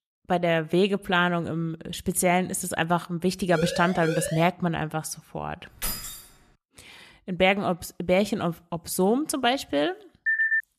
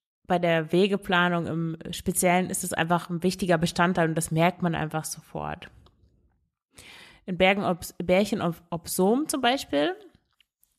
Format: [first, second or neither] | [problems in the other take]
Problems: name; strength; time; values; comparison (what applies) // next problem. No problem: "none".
second | siren; noticeable; at 3.5 s; peak 6 dB below the speech // jangling keys; noticeable; at 6 s; peak 5 dB below the speech // phone ringing; loud; at 10 s; peak 3 dB above the speech